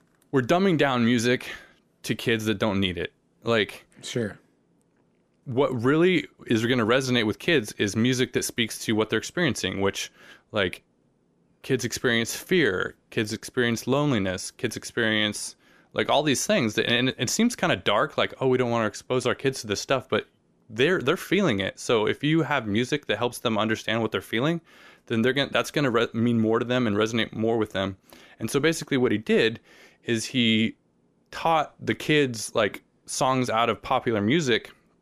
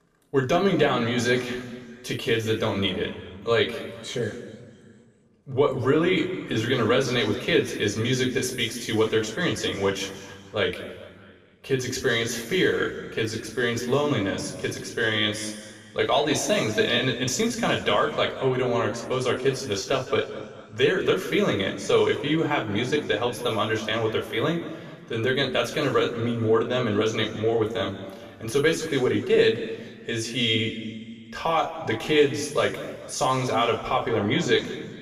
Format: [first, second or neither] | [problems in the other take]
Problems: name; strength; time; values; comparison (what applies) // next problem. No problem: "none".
first | room echo; noticeable; dies away in 1.6 s // off-mic speech; somewhat distant